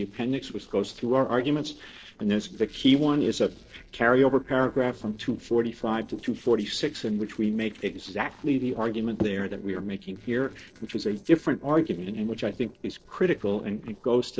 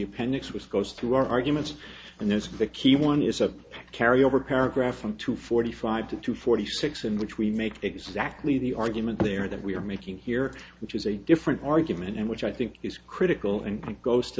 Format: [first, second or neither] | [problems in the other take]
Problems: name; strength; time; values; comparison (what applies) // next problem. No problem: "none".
second | noise reduction (neural separator model SepFormer DNS4)